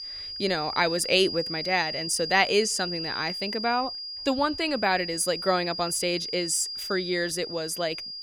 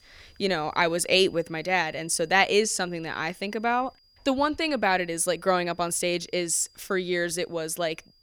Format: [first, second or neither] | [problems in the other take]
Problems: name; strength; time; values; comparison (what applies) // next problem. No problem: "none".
second | high-pitched whine; loud; throughout; 5 kHz, 6 dB below the speech; faint in the second